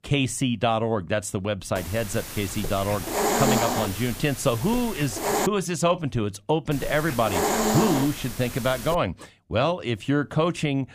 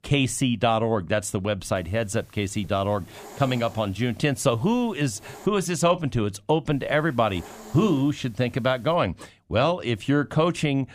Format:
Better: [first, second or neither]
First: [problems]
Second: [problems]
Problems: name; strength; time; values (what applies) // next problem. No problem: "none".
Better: second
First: hiss; loud; from 2 to 5.5 s and from 6.5 to 9 s; 2 dB below the speech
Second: hiss; faint; from 2 to 5.5 s and from 6.5 to 9 s; 25 dB below the speech